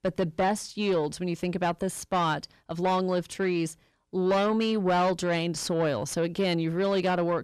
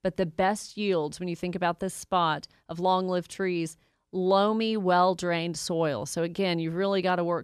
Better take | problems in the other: second | distortion; slight; 10 dB below the speech

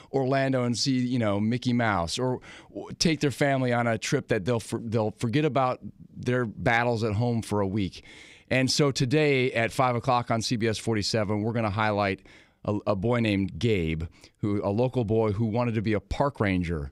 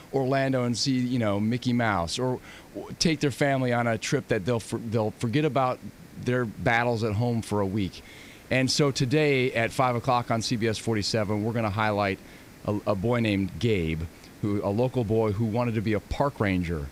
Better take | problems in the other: first | hiss; faint; throughout; 25 dB below the speech

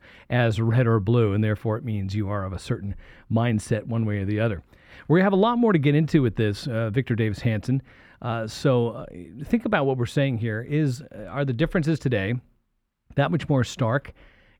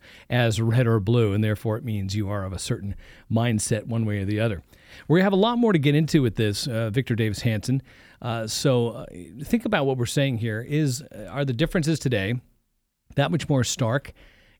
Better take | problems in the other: second | muffled; slightly; fading above 3.5 kHz

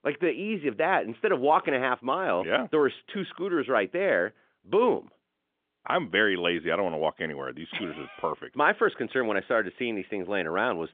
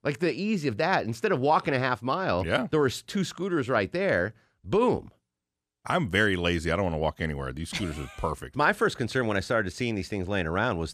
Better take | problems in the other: second | phone-call audio; nothing above 3.5 kHz

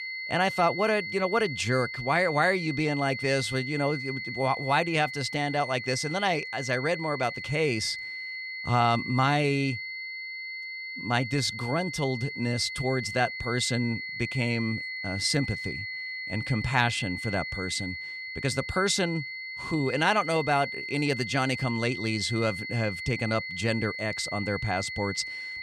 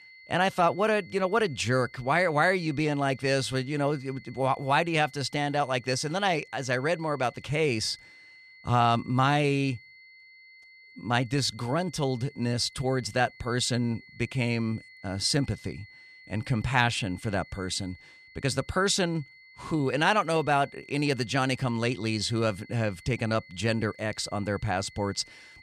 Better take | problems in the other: second | high-pitched whine; loud; throughout; 2 kHz, 6 dB below the speech; faint in the second

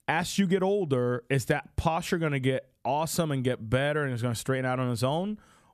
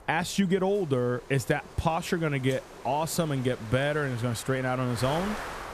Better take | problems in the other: first | wind noise on the microphone; occasional gusts; 10 dB below the speech

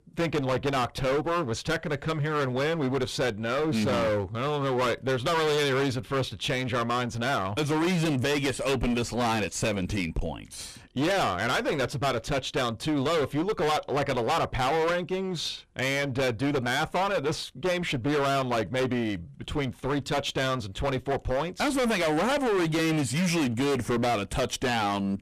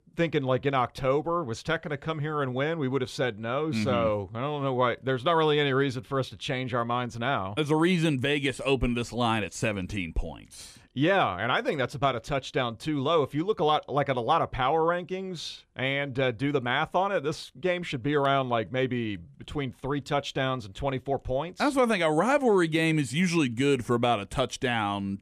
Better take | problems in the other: second | distortion; heavy; 26% of the sound clipped

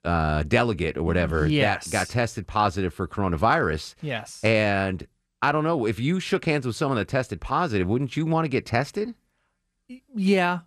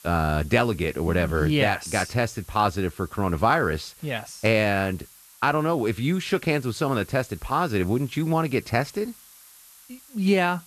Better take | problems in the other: first | hiss; faint; throughout; 25 dB below the speech

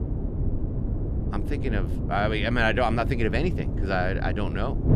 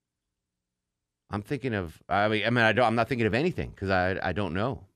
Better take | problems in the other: second | wind noise on the microphone; occasional gusts; 10 dB below the speech

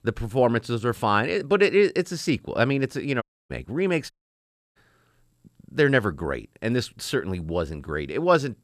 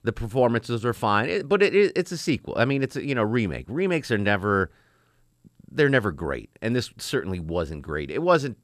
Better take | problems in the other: second | audio cutting out; at 3 s and at 4 s for 0.5 s

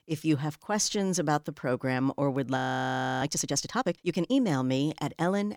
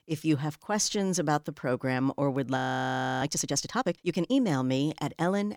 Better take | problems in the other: neither | audio freezing; at 2.5 s for 0.5 s; the same in both

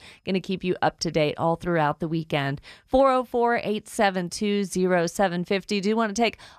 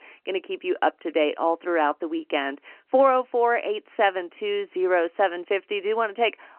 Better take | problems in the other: first | phone-call audio; nothing above 3 kHz

